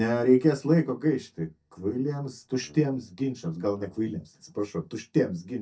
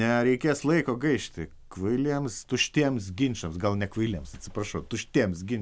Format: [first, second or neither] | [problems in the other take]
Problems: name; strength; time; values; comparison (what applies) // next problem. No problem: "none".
second | noise reduction (neural mask model DeepFilterNet 3)